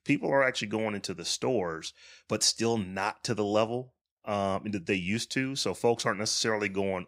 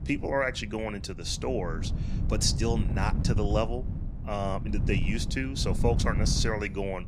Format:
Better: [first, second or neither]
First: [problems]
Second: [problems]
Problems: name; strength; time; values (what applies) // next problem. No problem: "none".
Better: first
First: none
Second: wind noise on the microphone; occasional gusts; 10 dB below the speech